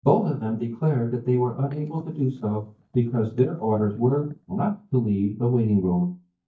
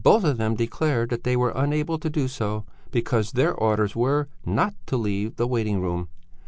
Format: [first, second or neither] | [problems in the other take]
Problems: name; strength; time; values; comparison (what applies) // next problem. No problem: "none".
second | noise reduction (neural mask model DeepFilterNet 3)